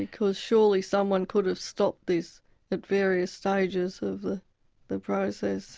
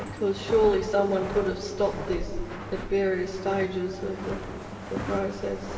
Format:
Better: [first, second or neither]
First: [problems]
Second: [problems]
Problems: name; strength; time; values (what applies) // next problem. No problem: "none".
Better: first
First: none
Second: background sound (Walk, footsteps); 8 dB below the speech // room echo; dies away in 2.7 s